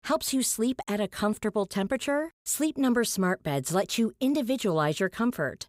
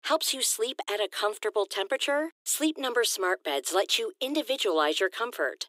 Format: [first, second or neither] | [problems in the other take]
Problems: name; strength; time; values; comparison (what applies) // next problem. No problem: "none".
first | thin; very; fading below 300 Hz